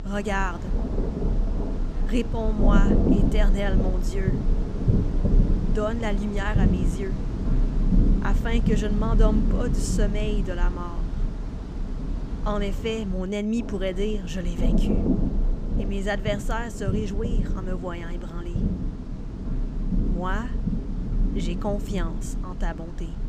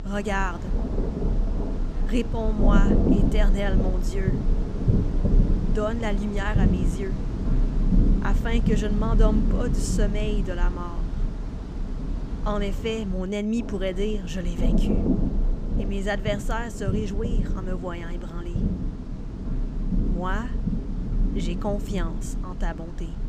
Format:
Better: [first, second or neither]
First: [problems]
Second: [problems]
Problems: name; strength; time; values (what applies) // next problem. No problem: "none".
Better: neither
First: rain or running water; very loud; throughout; 3 dB above the speech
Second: rain or running water; very loud; throughout; 3 dB above the speech